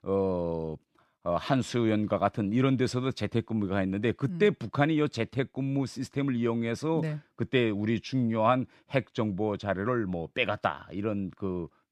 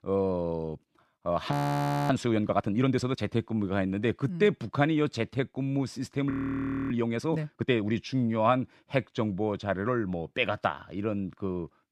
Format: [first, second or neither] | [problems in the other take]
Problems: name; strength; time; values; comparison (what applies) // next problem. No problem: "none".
first | audio freezing; at 1.5 s for 0.5 s and at 6.5 s for 0.5 s